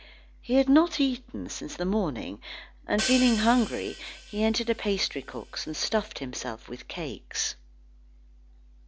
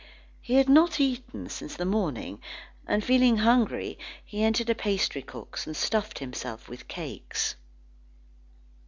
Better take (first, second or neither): second